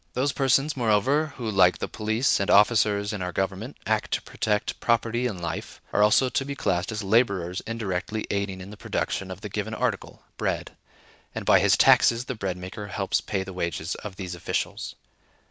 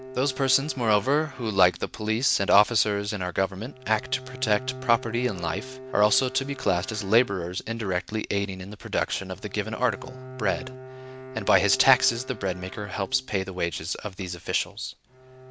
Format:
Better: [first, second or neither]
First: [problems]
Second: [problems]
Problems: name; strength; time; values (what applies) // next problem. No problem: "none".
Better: first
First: none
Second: background sound (Bowed string instrument); 16 dB below the speech